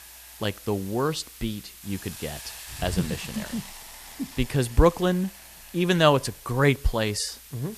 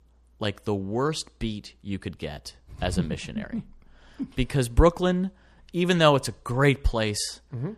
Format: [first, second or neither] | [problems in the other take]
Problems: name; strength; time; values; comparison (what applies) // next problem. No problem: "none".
second | hiss; noticeable; throughout; 15 dB below the speech